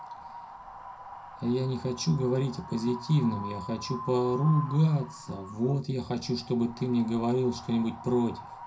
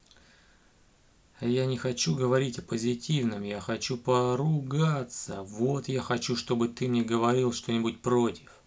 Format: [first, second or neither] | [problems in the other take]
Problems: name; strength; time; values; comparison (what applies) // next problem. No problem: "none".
second | background sound (Wind); 14 dB below the speech // room echo; dies away in 0.4 s